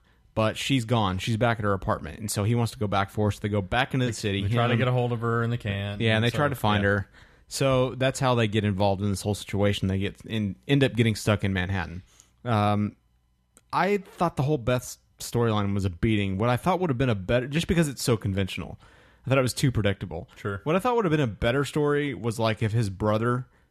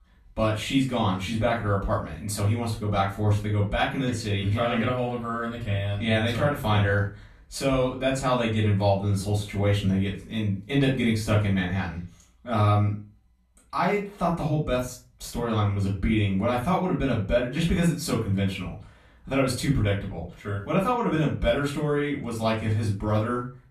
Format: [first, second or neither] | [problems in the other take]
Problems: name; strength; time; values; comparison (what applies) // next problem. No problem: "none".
first | room echo; slight; dies away in 0.3 s // off-mic speech; far